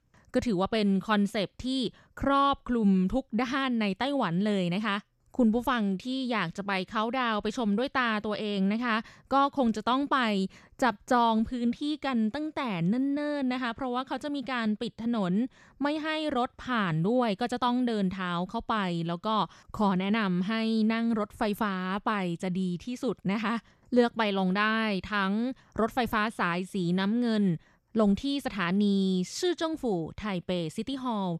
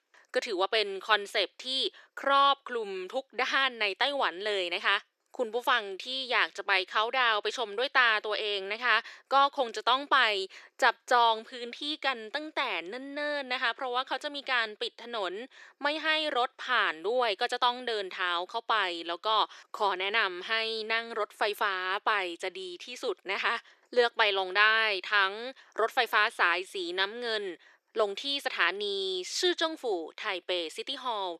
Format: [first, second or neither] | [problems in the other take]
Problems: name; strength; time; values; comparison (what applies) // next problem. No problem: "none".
first | thin; very; fading below 350 Hz